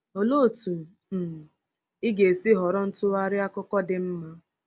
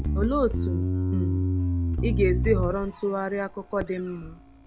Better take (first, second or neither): first